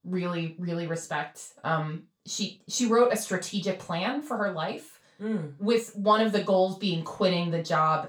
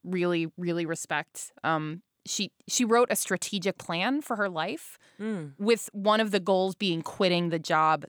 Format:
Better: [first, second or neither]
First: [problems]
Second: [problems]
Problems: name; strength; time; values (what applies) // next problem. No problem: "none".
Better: second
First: room echo; slight; dies away in 0.3 s // off-mic speech; far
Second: none